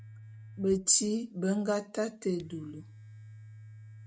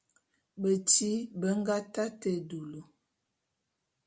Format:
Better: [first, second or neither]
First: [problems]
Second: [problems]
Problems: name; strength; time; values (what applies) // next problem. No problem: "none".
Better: second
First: noise reduction (neural mask model RNNoise)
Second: none